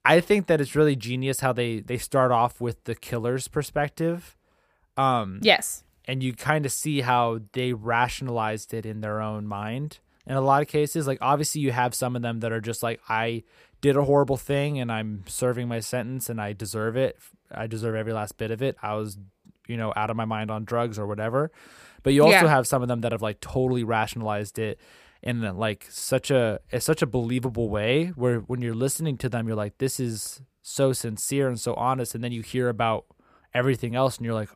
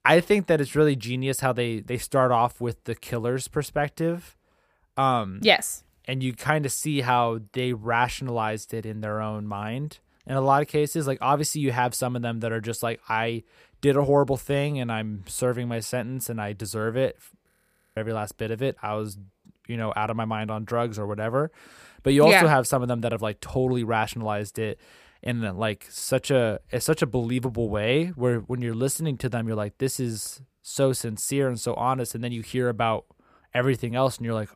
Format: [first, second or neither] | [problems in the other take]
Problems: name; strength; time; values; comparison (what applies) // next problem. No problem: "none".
first | audio freezing; at 17 s